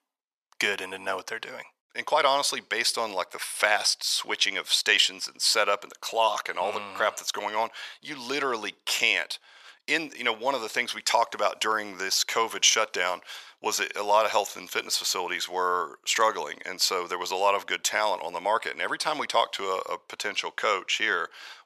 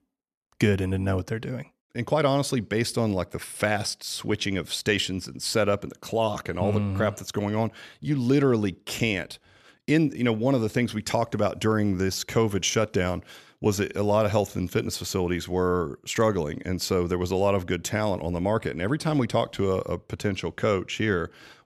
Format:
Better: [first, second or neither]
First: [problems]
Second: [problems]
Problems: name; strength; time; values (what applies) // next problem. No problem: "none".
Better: second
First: thin; very; fading below 850 Hz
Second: none